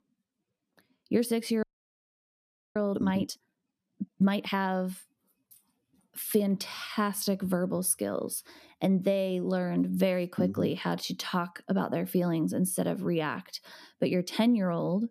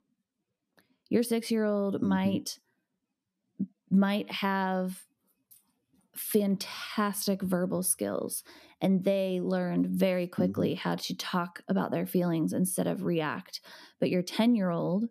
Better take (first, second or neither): second